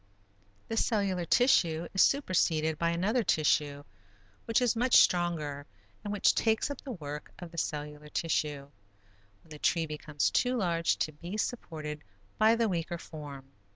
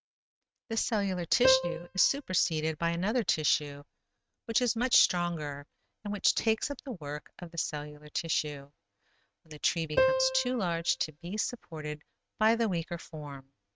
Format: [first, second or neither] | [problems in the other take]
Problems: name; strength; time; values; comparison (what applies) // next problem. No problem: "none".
first | noise reduction (neural mask model RNNoise)